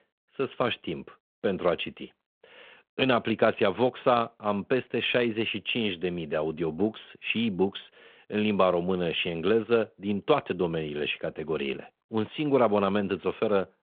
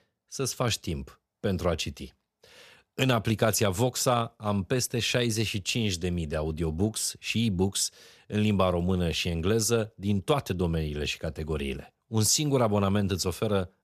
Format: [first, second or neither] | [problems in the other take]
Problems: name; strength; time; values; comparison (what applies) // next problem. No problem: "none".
second | phone-call audio